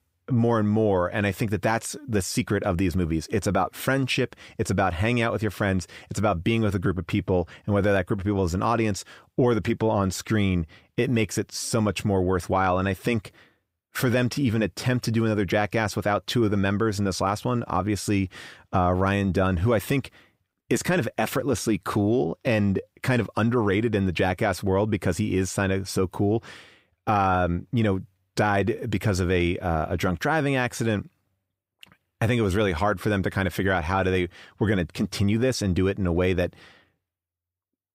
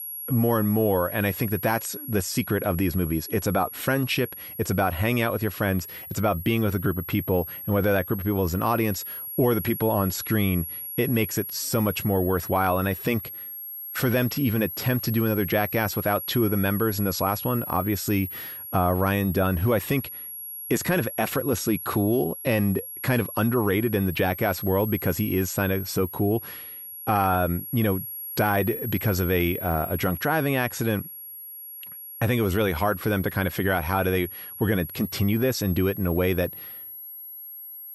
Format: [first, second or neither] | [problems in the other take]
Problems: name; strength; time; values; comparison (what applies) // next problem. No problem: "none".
first | high-pitched whine; loud; throughout; 11.5 kHz, 9 dB below the speech